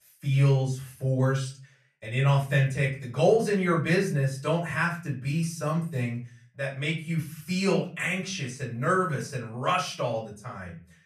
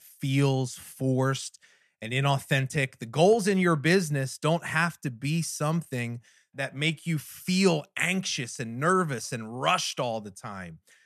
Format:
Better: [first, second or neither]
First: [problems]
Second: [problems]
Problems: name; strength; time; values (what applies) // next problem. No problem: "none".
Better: second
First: room echo; slight; dies away in 0.4 s // off-mic speech; far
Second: none